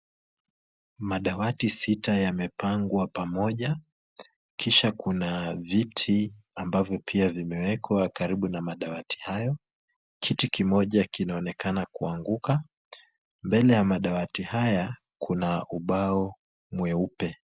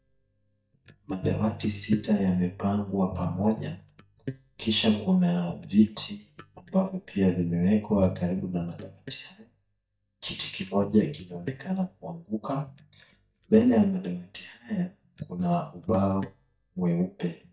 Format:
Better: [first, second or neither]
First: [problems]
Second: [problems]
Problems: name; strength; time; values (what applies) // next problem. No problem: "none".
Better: first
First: none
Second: noise reduction (neural mask model DeepFilterNet 3)